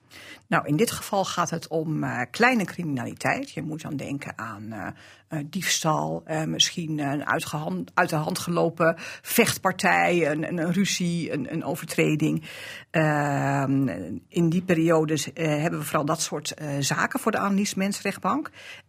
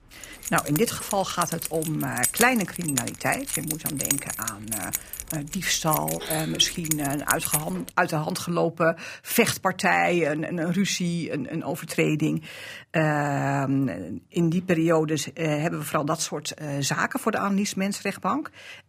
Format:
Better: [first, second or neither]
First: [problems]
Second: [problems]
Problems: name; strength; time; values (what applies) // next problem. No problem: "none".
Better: first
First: none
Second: jangling keys; loud; until 8 s; peak 2 dB above the speech